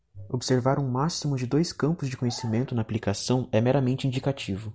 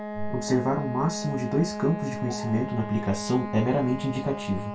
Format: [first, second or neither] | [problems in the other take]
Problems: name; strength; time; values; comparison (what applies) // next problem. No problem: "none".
first | background sound (Wind instrument, woodwind instrument); 7 dB below the speech // room echo; dies away in 0.2 s